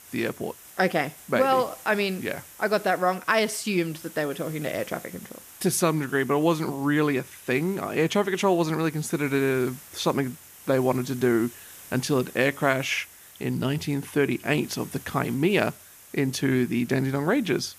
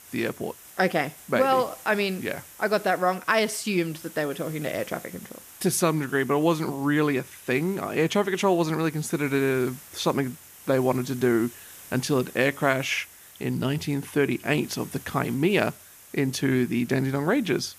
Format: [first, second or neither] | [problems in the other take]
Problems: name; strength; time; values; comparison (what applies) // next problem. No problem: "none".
neither | hiss; noticeable; throughout; 20 dB below the speech; the same in both